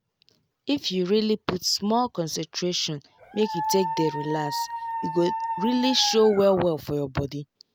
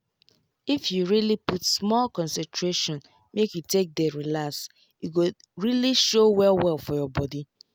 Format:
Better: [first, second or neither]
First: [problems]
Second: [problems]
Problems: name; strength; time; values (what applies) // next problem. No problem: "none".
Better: second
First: background sound (Dog); 6 dB below the speech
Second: none